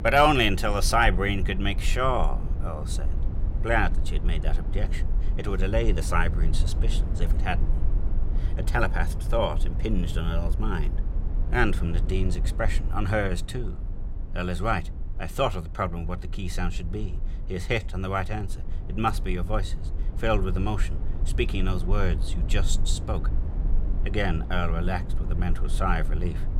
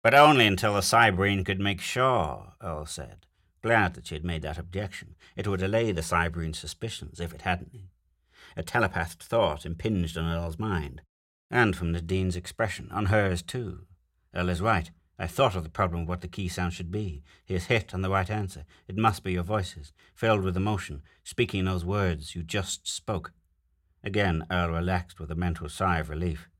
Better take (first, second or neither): second